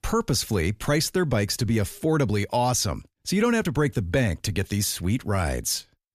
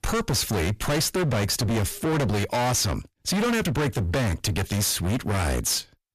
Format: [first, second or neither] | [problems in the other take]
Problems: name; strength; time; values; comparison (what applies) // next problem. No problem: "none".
first | distortion; heavy; 35% of the sound clipped